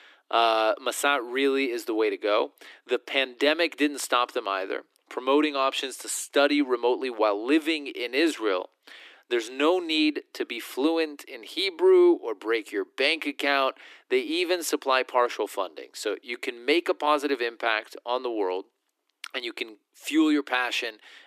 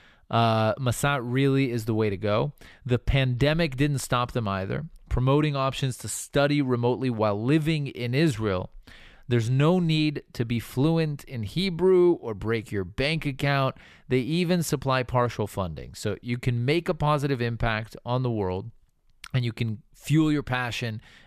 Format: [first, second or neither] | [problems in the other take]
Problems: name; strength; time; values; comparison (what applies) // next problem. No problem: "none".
second | thin; somewhat; fading below 300 Hz